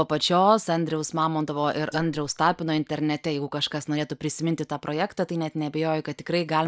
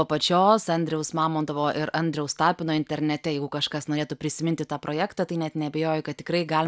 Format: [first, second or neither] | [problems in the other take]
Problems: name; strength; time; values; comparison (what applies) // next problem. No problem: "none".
second | noise reduction (neural mask model Resemble Enhance denoiser)